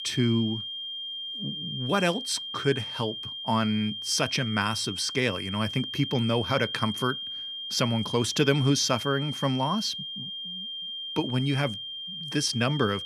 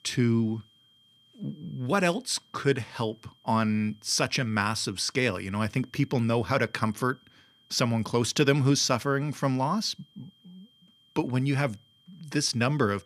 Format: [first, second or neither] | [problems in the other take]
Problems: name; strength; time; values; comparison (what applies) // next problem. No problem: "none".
second | high-pitched whine; loud; throughout; 3 kHz, 6 dB below the speech; faint in the second